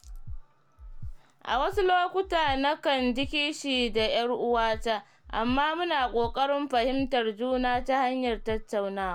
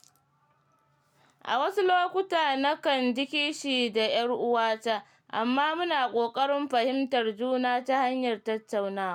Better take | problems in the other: second | background sound (Breathing); 13 dB below the speech

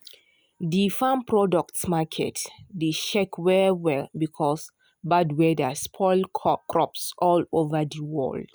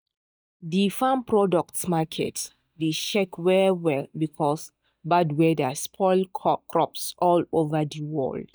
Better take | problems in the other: first | noise reduction (neural mask model DeepFilterNet 3)

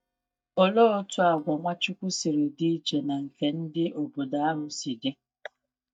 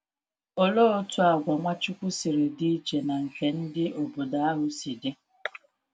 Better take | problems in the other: second | noise reduction (neural mask model DeepFilterNet 3)

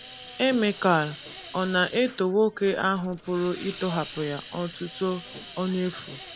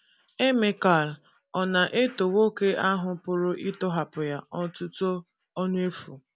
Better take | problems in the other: second | background sound (Hiss); 16 dB below the speech

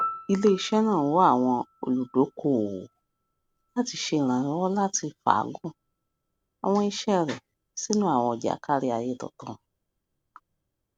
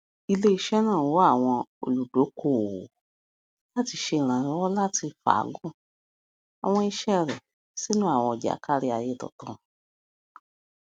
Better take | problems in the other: second | background sound (Piano); 18 dB below the speech

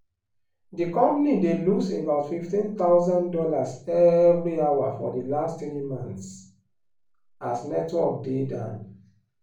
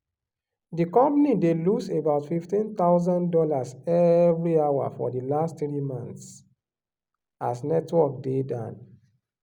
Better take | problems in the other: second | room echo; dies away in 0.3 s

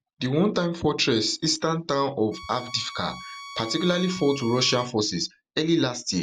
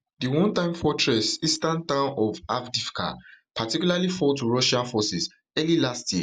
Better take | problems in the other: second | background sound (Bowed string instrument); 16 dB below the speech

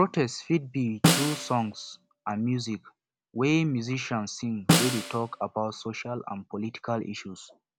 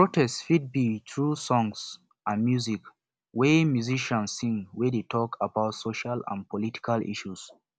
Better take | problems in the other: second | background sound (Snare drum); 1 dB above the speech

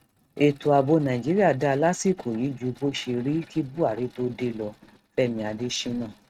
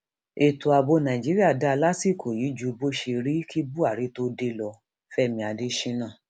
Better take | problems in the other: second | noise reduction (neural mask model RNNoise)

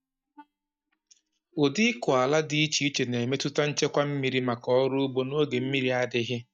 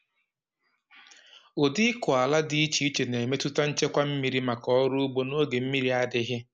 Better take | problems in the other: second | noise reduction (neural mask model DeepFilterNet 3)

